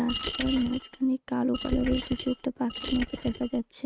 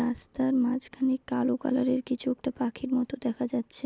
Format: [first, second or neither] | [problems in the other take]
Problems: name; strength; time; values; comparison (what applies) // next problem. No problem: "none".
second | noise reduction (neural mask model RNNoise)